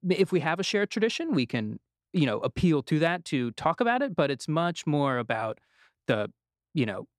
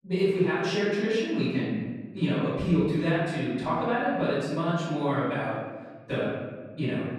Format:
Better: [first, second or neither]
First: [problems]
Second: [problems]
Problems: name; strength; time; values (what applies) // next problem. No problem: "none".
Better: first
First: none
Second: off-mic speech; far // room echo; strong; dies away in 1.4 s